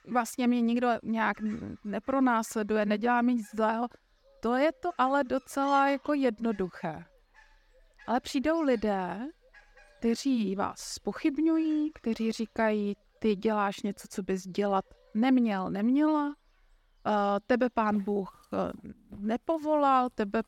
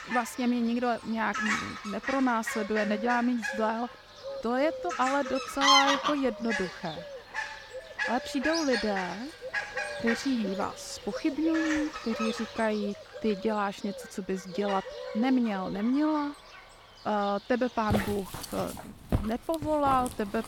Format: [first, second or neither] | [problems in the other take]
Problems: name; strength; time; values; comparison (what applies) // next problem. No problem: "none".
first | animal sounds; loud; throughout; 3 dB below the speech; faint in the first